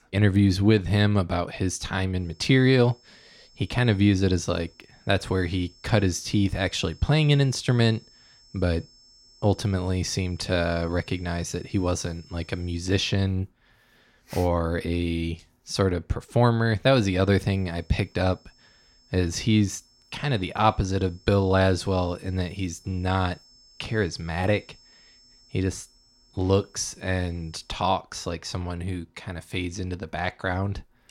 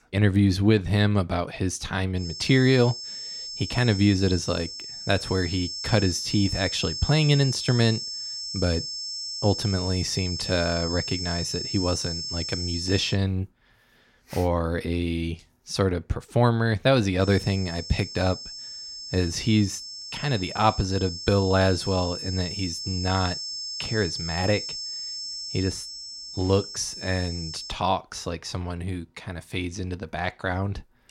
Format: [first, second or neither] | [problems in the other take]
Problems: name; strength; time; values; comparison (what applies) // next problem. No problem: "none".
first | high-pitched whine; loud; from 2 to 13 s and from 17 to 28 s; 5.5 kHz, 6 dB below the speech; faint in the first